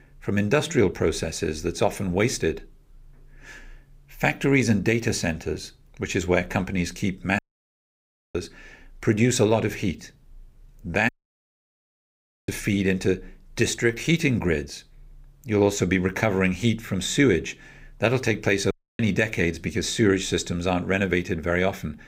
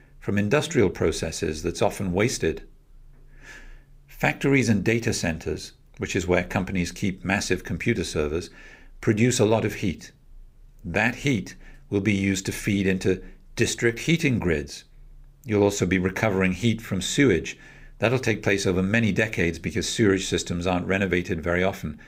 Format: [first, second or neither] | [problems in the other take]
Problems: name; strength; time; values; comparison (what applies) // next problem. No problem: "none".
second | audio cutting out; at 7.5 s for 1 s, at 11 s for 1.5 s and at 19 s